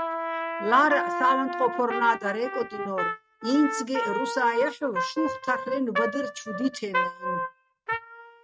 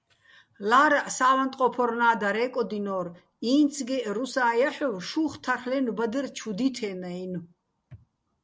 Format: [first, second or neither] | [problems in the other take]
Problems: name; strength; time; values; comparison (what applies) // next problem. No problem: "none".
second | noise reduction (neural mask model RNNoise)